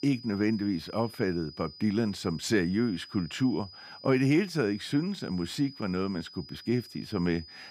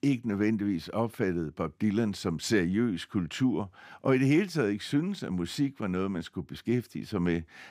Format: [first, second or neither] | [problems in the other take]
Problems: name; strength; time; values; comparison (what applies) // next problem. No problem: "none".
second | high-pitched whine; noticeable; throughout; 5 kHz, 15 dB below the speech